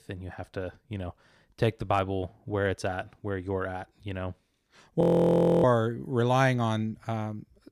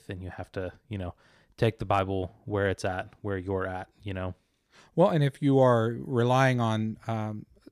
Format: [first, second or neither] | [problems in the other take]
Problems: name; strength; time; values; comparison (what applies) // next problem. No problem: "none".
second | audio freezing; at 5 s for 0.5 s